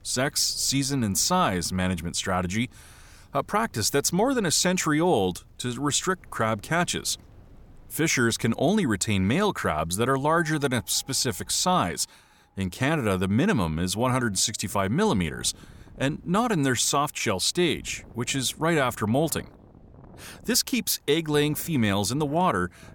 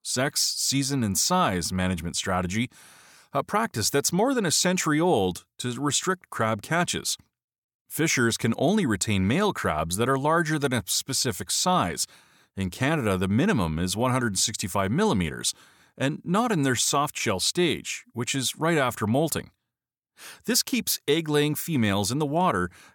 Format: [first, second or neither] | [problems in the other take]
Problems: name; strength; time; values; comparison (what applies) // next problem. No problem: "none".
second | wind in the background; faint; throughout; 25 dB below the speech